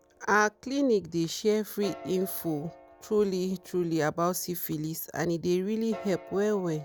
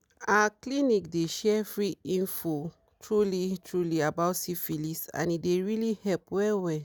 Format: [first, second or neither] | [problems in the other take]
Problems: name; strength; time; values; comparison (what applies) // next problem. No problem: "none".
second | background sound (Piano); 20 dB below the speech